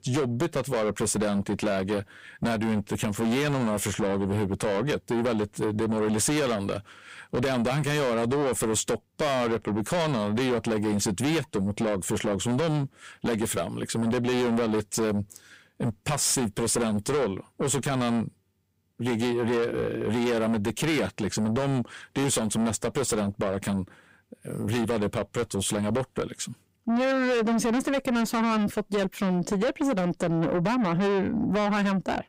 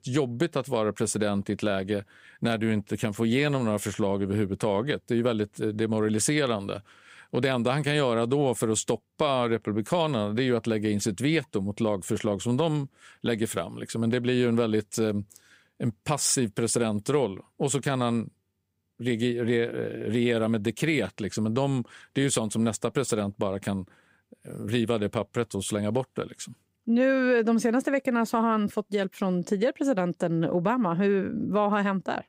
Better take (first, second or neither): second